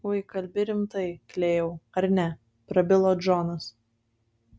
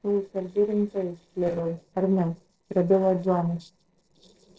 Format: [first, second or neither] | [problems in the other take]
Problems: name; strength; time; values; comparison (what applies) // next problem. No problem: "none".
first | noise reduction (neural separator model SepFormer DNS4)